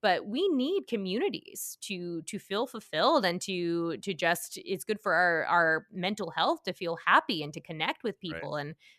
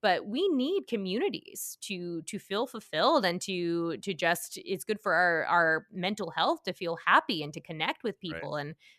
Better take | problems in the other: neither | none

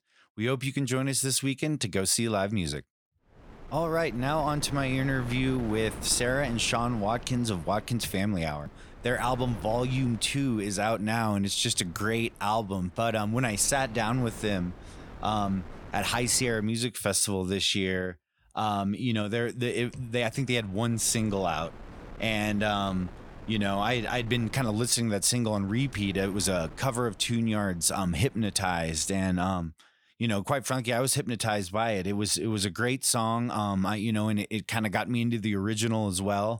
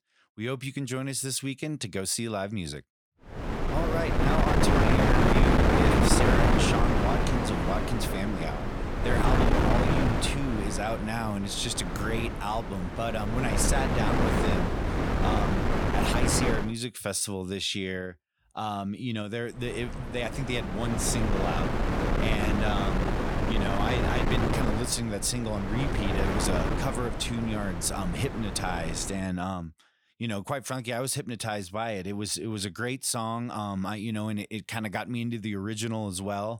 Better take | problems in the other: first | wind noise on the microphone; heavy; from 3.5 to 17 s and from 20 to 29 s; 3 dB above the speech; occasional gusts in the first

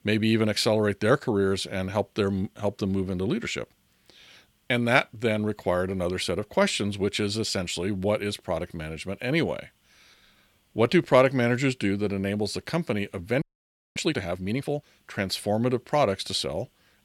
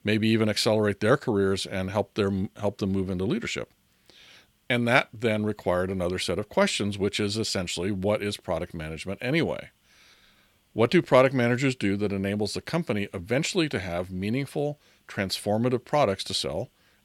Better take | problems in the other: second | audio freezing; at 13 s for 0.5 s

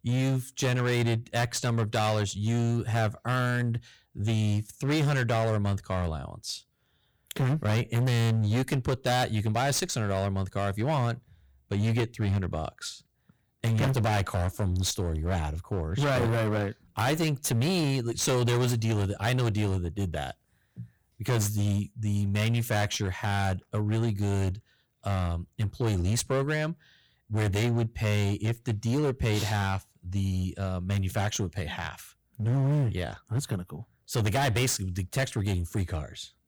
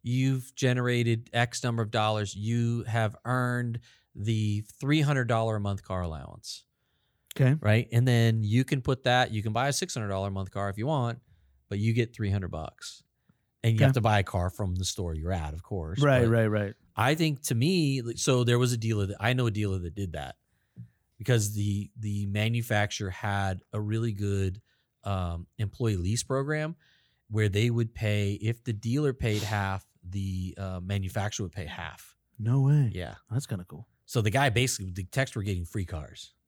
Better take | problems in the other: second | distortion; heavy; 21% of the sound clipped

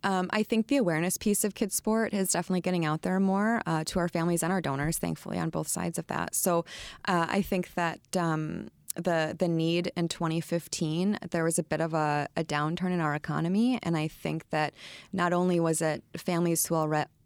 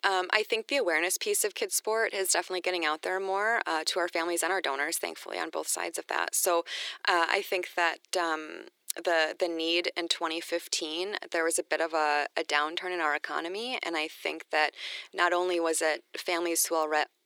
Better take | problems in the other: first | thin; very; fading below 350 Hz

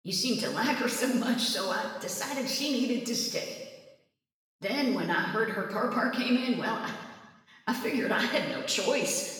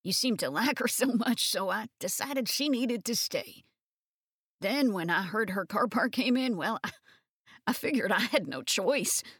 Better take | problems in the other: second | room echo; noticeable; dies away in 1.2 s // off-mic speech; far

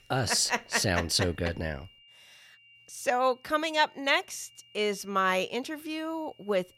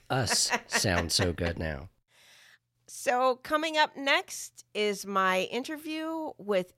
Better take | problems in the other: second | high-pitched whine; faint; throughout; 3 kHz, 30 dB below the speech

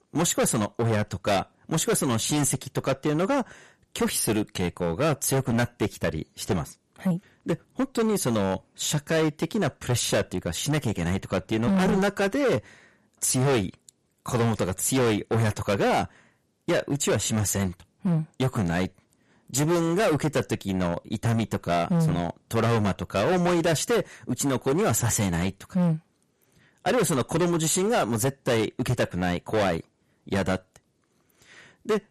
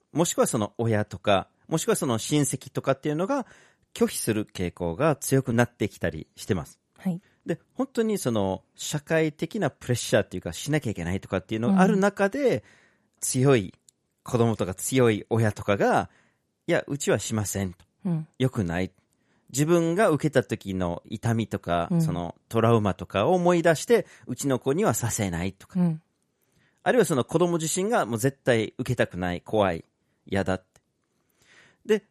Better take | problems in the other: second | distortion; heavy; 16% of the sound clipped

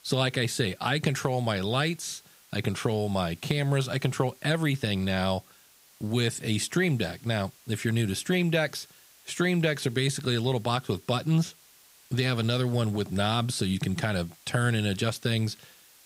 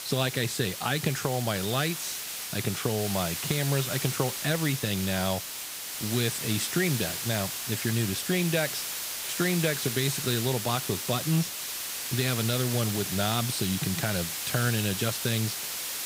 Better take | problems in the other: first | hiss; loud; throughout; 3 dB below the speech; faint in the first

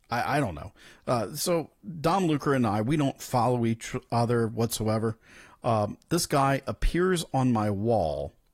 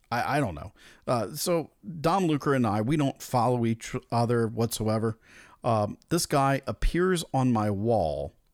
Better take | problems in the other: second | garbled, watery; slightly; nothing above 13.5 kHz

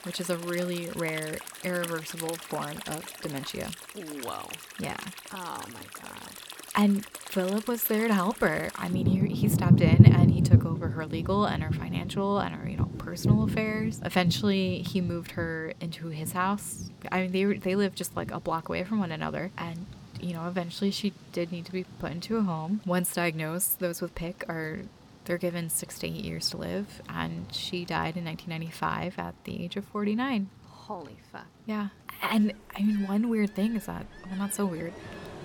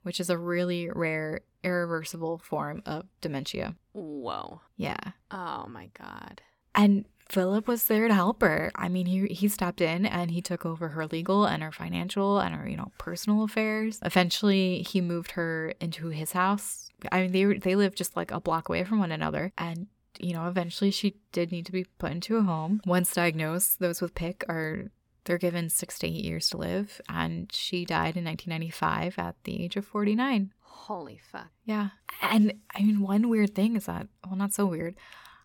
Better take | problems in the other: second | rain or running water; very loud; throughout; 2 dB above the speech

